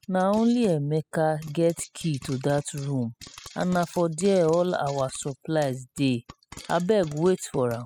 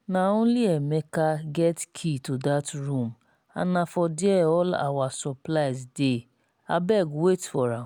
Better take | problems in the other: second | noise reduction (classical method spectral subtraction)

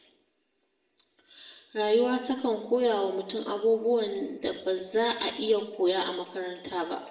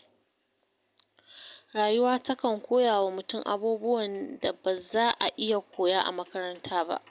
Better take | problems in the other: second | room echo; dies away in 0.7 s

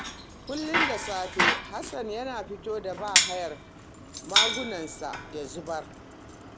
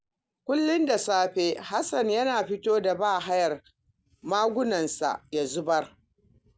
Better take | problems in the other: second | background sound (Bicycle); 5 dB above the speech

